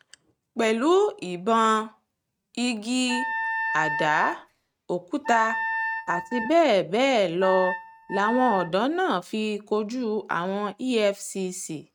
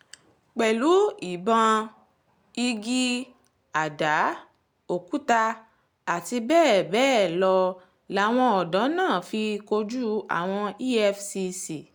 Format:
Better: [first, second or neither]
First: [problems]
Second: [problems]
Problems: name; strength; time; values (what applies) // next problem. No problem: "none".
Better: second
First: noise reduction (neural mask model RNNoise)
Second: none